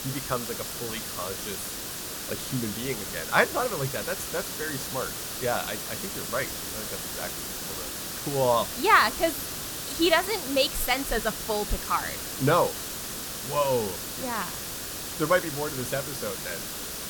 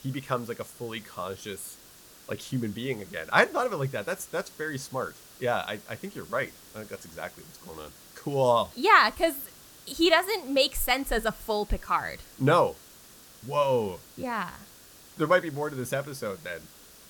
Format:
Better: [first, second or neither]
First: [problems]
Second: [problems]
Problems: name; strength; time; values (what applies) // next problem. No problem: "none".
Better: second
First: hiss; loud; throughout; 5 dB below the speech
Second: hiss; faint; throughout; 20 dB below the speech